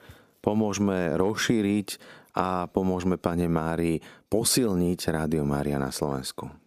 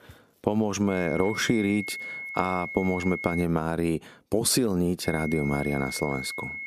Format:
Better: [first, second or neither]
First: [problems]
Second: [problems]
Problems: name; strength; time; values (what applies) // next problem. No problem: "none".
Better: first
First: none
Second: high-pitched whine; loud; from 1 to 3.5 s and from 5 s on; 2 kHz, 8 dB below the speech